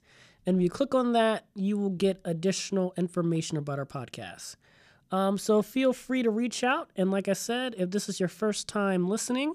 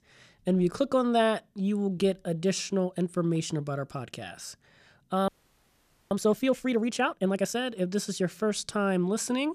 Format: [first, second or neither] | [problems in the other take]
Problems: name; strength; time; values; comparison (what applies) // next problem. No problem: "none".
first | audio freezing; at 5.5 s for 1 s